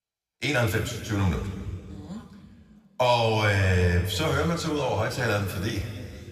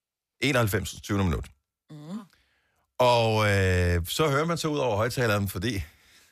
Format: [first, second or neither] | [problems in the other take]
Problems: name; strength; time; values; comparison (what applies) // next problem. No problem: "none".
second | room echo; noticeable; dies away in 2 s // off-mic speech; somewhat distant